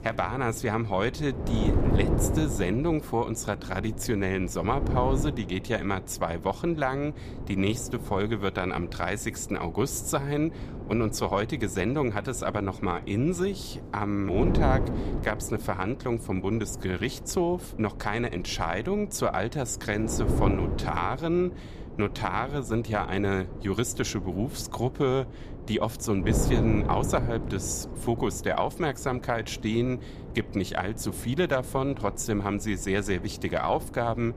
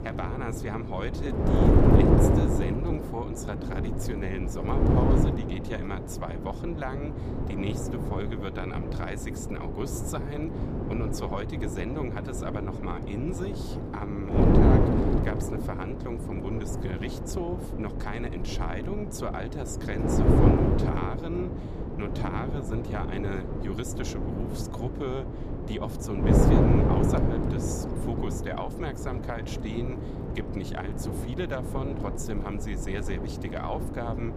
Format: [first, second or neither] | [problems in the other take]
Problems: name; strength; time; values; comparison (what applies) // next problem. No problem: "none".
first | wind noise on the microphone; heavy; 3 dB above the speech; occasional gusts in the first